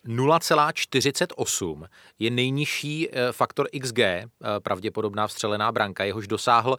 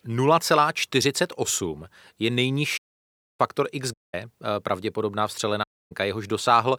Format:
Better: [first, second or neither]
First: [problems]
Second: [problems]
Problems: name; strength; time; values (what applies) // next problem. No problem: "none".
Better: first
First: none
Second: audio cutting out; at 3 s for 0.5 s, at 4 s and at 5.5 s